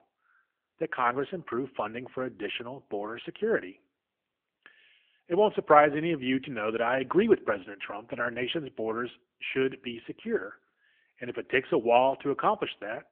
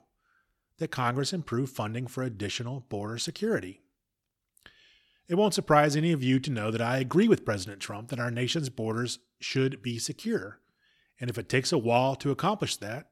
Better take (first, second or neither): second